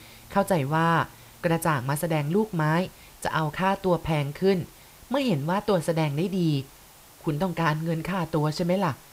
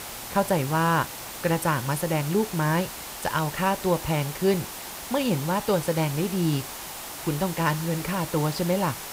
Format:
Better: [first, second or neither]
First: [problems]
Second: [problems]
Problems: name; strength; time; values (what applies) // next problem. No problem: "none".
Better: first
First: hiss; faint; throughout; 25 dB below the speech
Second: hiss; loud; throughout; 9 dB below the speech